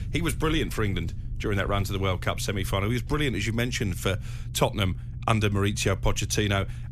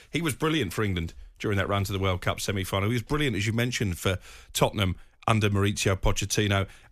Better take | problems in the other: second | low rumble; faint; throughout; 20 dB below the speech

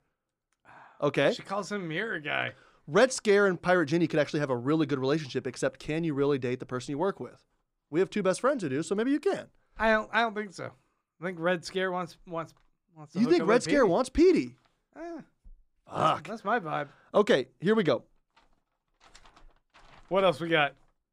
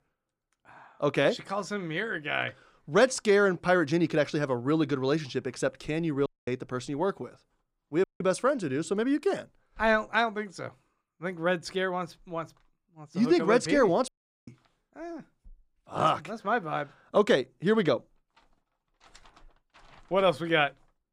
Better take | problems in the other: first | audio cutting out; at 6.5 s, at 8 s and at 14 s

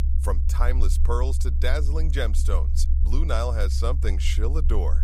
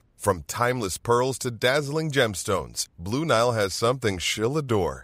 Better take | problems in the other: second | low rumble; noticeable; throughout; 10 dB below the speech

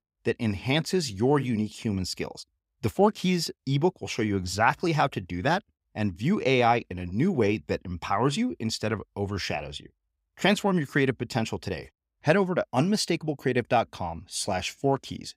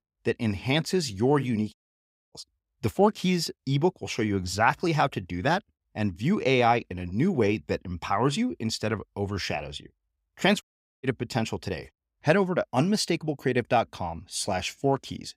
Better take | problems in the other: first | audio cutting out; at 1.5 s for 0.5 s and at 11 s

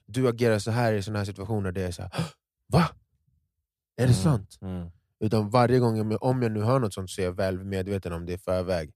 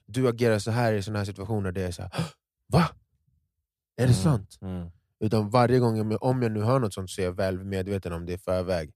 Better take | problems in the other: neither | none

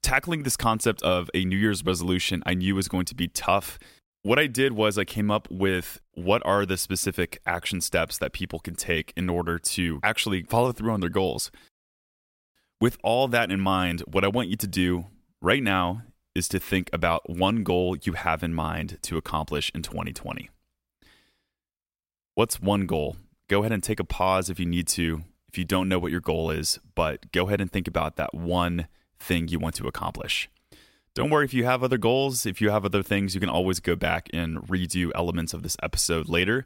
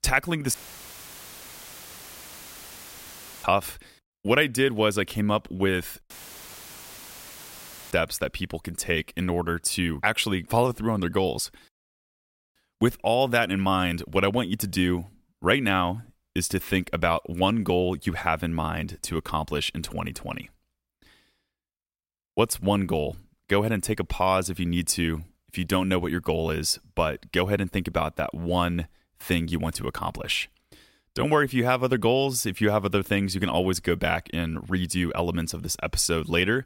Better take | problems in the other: first | audio cutting out; filled with static; at 0.5 s for 3 s and at 6 s for 2 s

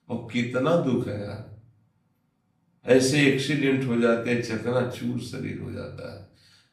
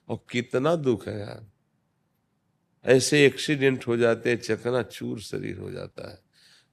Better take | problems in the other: second | off-mic speech; far // room echo; slight; dies away in 0.5 s

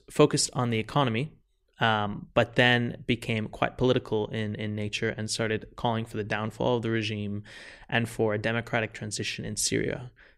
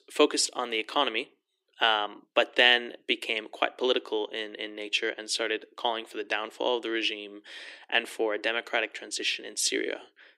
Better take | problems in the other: first | thin; somewhat; fading below 300 Hz

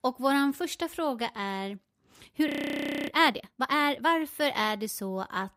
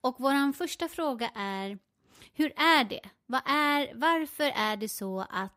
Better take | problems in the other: second | audio freezing; at 2.5 s for 0.5 s

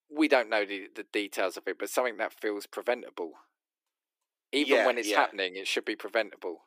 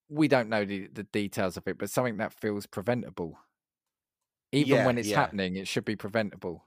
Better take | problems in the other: second | thin; somewhat; fading below 300 Hz

